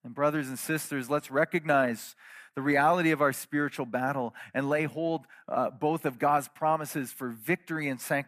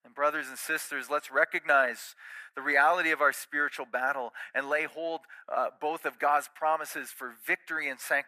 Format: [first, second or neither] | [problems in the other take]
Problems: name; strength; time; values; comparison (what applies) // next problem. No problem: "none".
first | thin; very; fading below 550 Hz